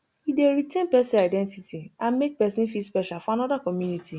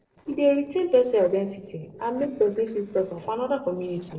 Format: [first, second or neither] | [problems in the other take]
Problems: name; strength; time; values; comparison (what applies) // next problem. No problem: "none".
first | noise reduction (neural separator model SepFormer DNS4)